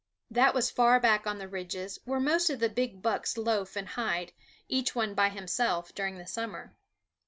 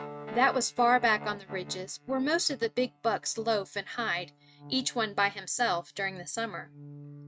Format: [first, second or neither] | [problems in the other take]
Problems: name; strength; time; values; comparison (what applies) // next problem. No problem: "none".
first | noise reduction (neural mask model RNNoise)